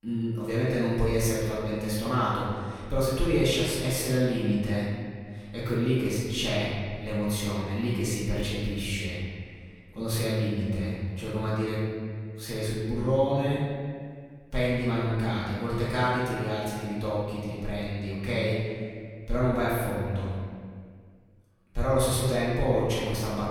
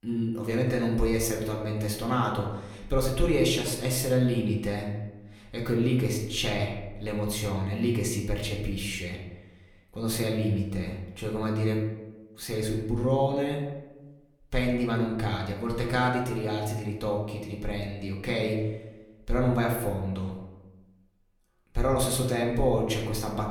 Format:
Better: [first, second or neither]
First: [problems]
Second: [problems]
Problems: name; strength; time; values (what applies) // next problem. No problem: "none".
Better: second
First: room echo; strong; dies away in 1.9 s // off-mic speech; far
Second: room echo; slight; dies away in 0.9 s // off-mic speech; somewhat distant